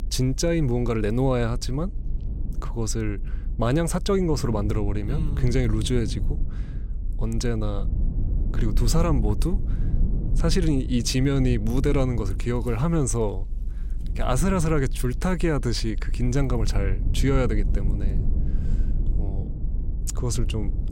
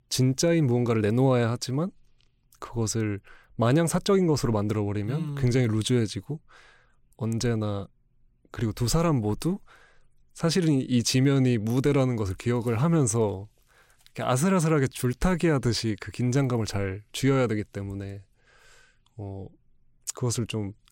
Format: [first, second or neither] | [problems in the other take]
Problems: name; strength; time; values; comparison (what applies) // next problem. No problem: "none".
second | low rumble; noticeable; throughout; 15 dB below the speech